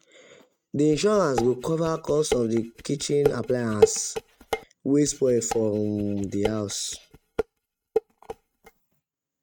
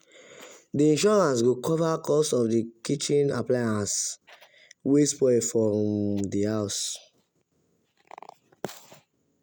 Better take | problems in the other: second | noise reduction (neural mask model RNNoise)

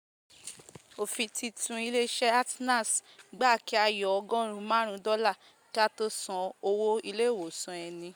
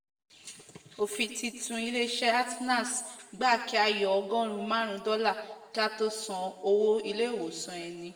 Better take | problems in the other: first | room echo; dies away in 0.9 s

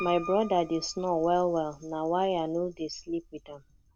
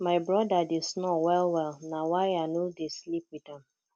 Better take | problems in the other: second | background sound (Piano); 17 dB below the speech

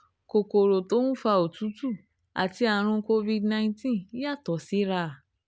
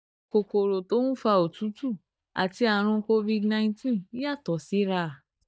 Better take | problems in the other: first | noise reduction (neural mask model DeepFilterNet 3)

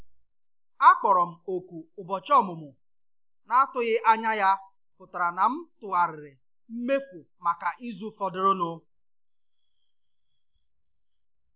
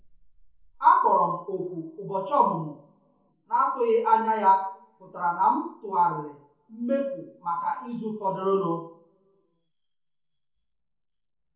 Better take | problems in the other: first | room echo; dies away in 0.6 s

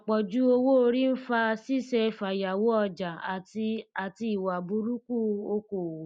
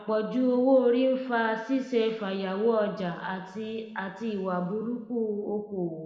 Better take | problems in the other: first | room echo; dies away in 1.3 s

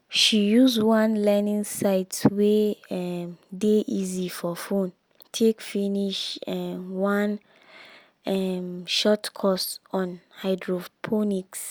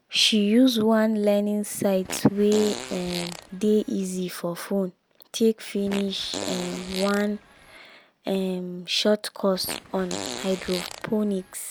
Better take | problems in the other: first | background sound (Fart); 12 dB below the speech

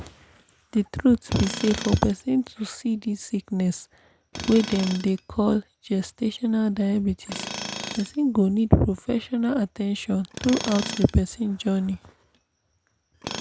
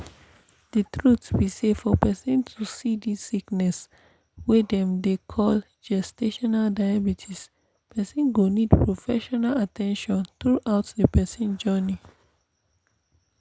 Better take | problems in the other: second | background sound (Tools); 14 dB below the speech

